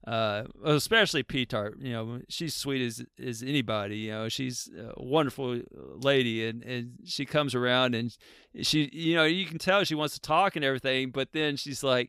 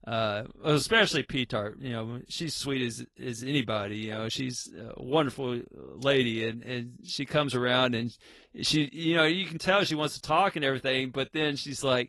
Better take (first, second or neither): first